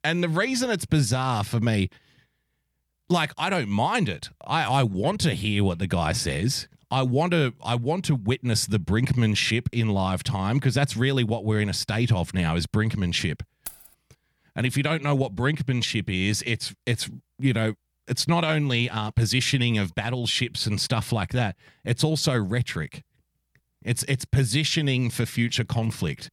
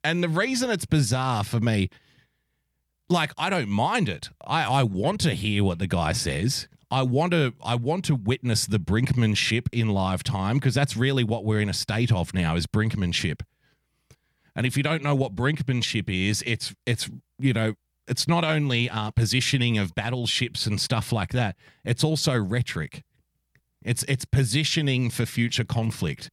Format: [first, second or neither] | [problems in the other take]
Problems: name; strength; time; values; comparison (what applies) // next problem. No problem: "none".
second | jangling keys; faint; at 14 s; peak 15 dB below the speech